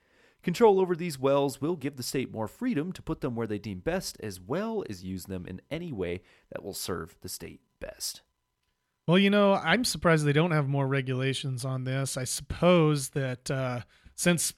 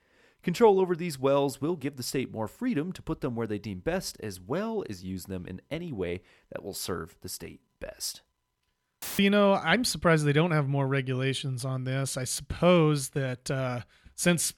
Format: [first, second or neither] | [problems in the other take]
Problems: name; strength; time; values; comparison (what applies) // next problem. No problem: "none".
first | audio cutting out; filled with static; at 9 s